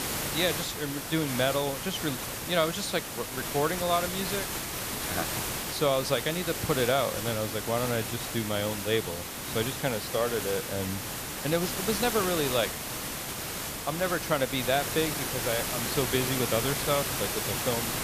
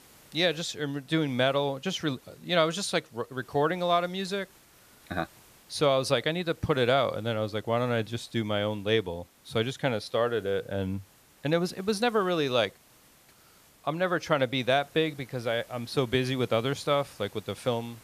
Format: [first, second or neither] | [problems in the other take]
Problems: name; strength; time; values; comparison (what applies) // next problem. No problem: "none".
second | hiss; loud; throughout; 2 dB below the speech; faint in the second